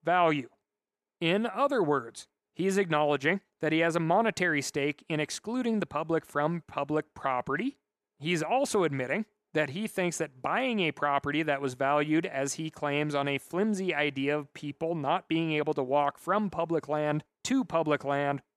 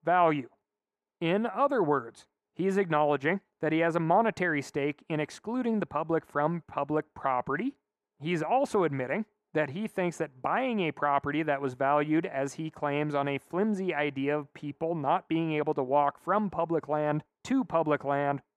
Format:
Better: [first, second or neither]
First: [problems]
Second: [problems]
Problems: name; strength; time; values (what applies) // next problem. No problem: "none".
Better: first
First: none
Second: muffled; slightly; fading above 2.5 kHz